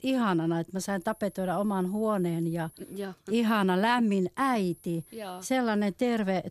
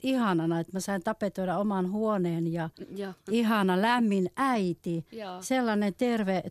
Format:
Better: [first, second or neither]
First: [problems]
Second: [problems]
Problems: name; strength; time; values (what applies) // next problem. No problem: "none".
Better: second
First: high-pitched whine; faint; from 1 to 3 s and from 4.5 to 5.5 s; 10.5 kHz, 25 dB below the speech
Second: none